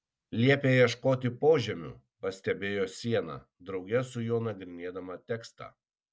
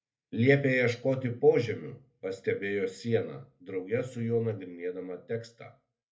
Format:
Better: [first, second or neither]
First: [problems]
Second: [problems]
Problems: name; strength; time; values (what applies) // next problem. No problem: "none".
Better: first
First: none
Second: room echo; dies away in 0.3 s